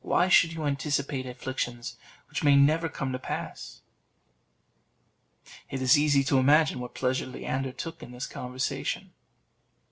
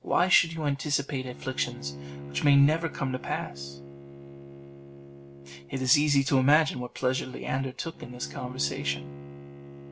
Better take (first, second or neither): first